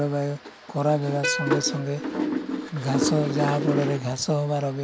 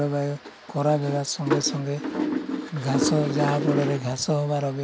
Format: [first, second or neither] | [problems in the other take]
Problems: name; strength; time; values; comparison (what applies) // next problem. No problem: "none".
second | background sound (Plucked string instrument); 11 dB below the speech